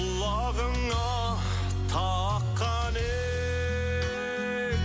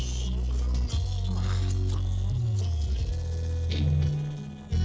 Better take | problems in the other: first | noise reduction (neural separator model SepFormer DNS4)

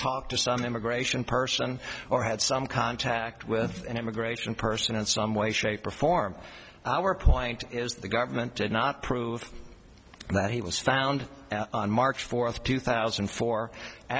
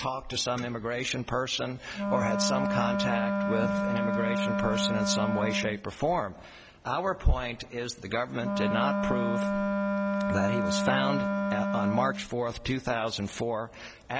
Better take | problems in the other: first | background sound (Wind instrument, woodwind instrument); as loud as the speech

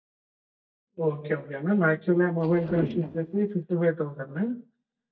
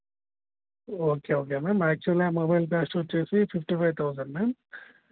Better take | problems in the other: second | noise reduction (neural mask model DeepFilterNet 3)

